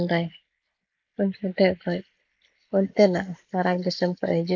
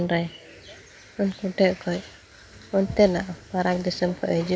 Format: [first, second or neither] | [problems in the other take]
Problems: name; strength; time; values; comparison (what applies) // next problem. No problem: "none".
second | noise reduction (neural mask model Resemble Enhance denoiser)